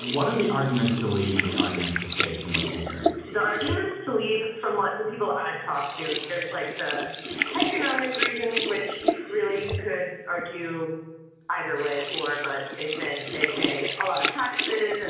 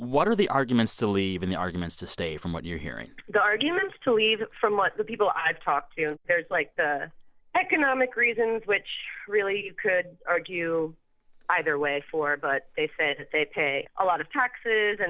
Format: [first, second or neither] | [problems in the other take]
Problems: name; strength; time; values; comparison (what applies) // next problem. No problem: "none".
second | background sound (Sink (filling or washing)); 3 dB below the speech // room echo; dies away in 1 s